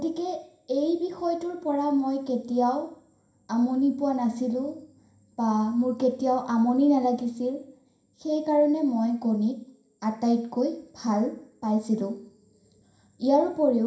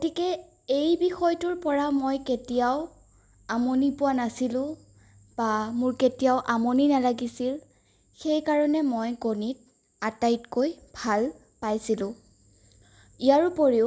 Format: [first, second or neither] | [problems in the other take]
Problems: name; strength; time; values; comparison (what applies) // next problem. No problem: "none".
second | room echo; dies away in 0.5 s